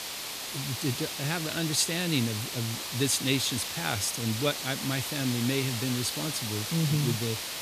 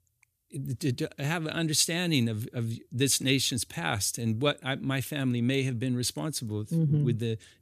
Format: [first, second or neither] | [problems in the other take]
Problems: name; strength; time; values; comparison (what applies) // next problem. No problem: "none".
second | hiss; loud; throughout; 3 dB below the speech